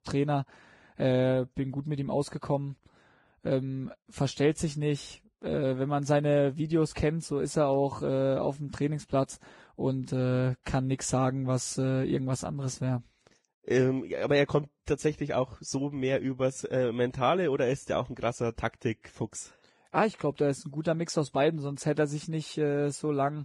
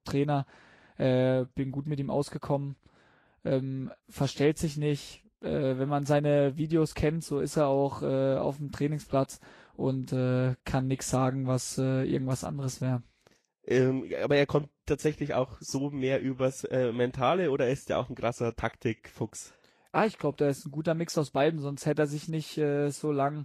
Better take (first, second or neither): second